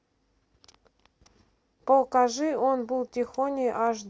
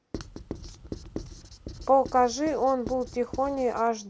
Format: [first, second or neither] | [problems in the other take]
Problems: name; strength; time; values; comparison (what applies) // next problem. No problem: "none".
first | background sound (Writing); 13 dB below the speech